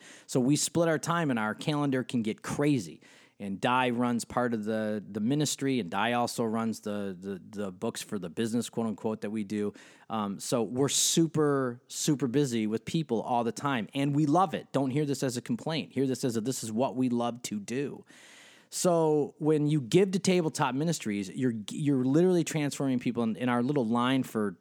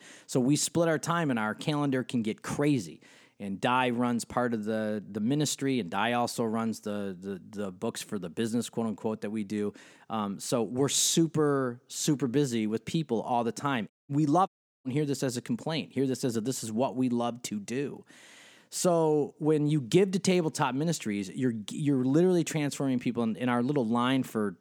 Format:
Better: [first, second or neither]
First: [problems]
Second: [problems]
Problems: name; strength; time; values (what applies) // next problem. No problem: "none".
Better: first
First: none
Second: audio cutting out; at 14 s